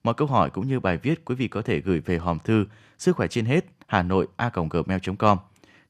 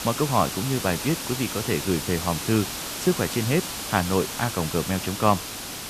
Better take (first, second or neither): first